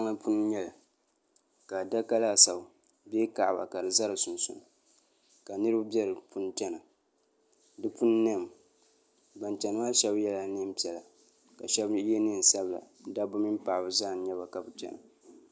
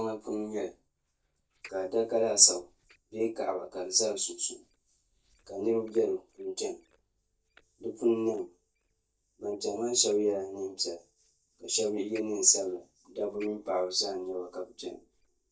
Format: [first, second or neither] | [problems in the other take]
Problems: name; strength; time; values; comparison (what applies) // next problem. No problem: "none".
first | noise reduction (neural mask model DeepFilterNet 3)